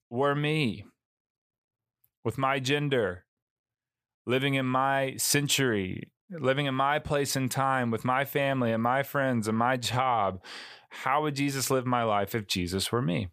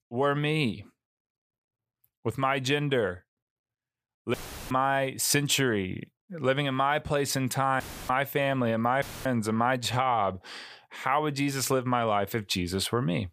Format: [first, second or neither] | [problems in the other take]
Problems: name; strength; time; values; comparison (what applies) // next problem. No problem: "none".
first | audio cutting out; filled with static; at 4.5 s, at 8 s and at 9 s